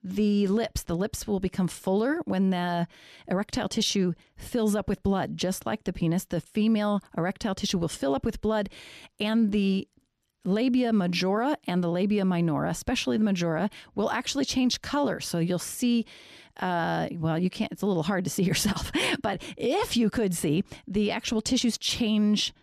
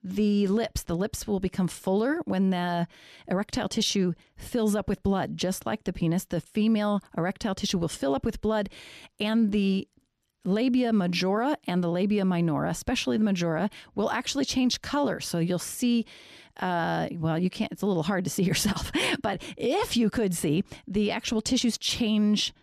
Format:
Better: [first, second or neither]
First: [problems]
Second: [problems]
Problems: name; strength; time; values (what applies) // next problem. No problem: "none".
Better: neither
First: none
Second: none